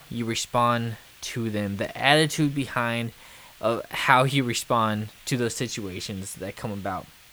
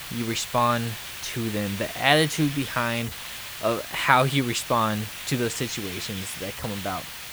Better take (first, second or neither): first